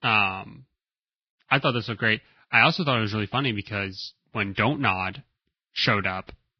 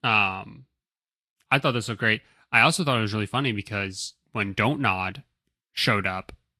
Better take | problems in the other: second | garbled, watery; badly; nothing above 5 kHz; slightly in the second

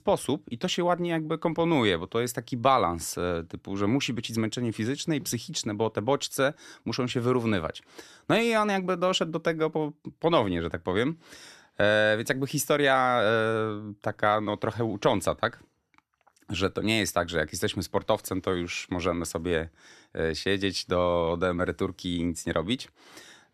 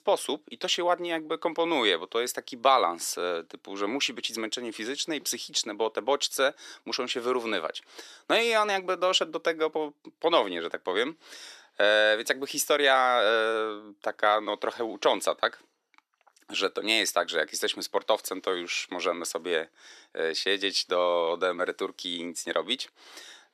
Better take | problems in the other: first | thin; somewhat; fading below 350 Hz

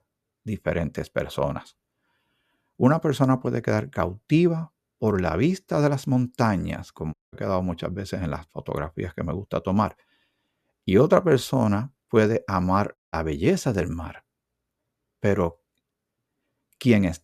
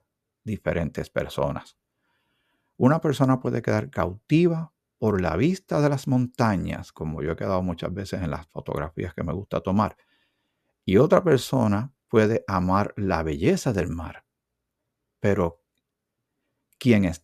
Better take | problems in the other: second | audio cutting out; at 7 s and at 13 s

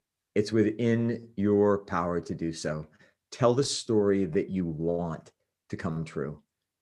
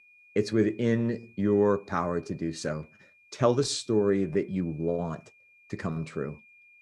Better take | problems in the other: first | high-pitched whine; faint; throughout; 2.5 kHz, 30 dB below the speech

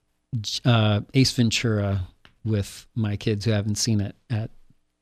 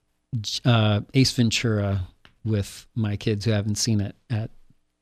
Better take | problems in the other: neither | none

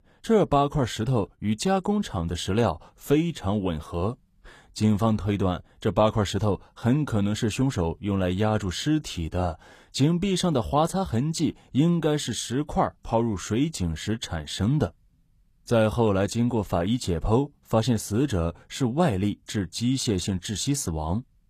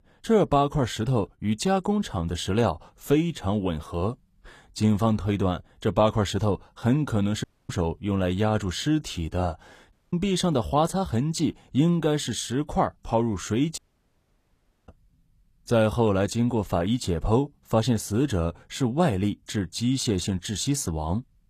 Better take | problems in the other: first | audio cutting out; at 7.5 s, at 10 s and at 14 s for 1 s

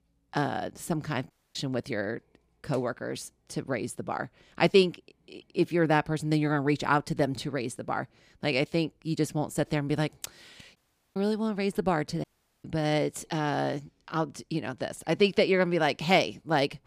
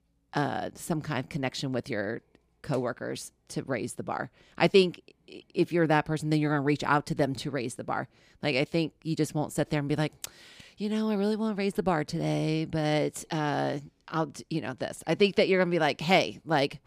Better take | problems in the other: second | audio cutting out; at 1.5 s, at 11 s and at 12 s

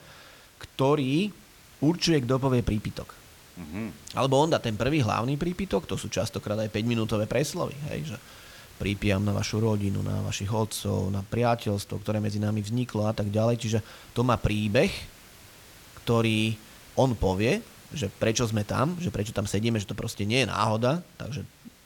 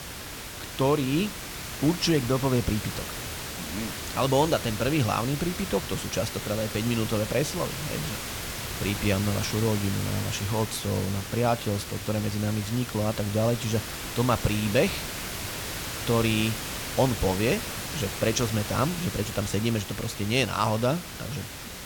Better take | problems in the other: first | hiss; loud; throughout; 6 dB below the speech; faint in the first

